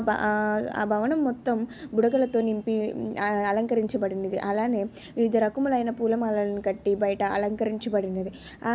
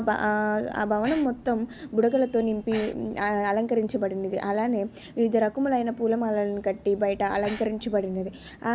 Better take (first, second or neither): first